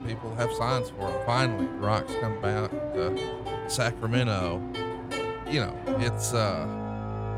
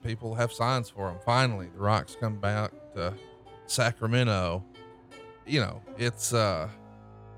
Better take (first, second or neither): second